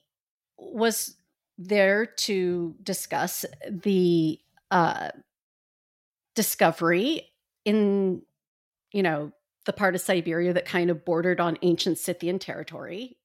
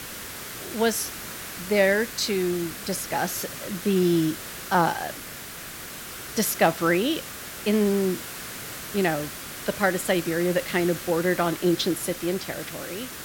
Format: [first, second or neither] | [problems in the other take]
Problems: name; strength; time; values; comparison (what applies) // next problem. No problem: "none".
first | hiss; loud; throughout; 10 dB below the speech